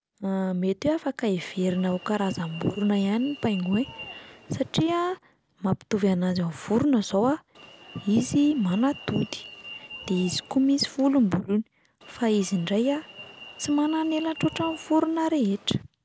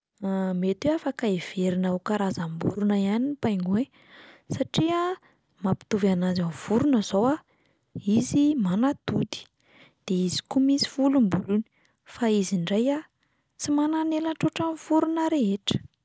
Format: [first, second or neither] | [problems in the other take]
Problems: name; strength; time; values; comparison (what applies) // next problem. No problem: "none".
second | background sound (Alarm); 18 dB below the speech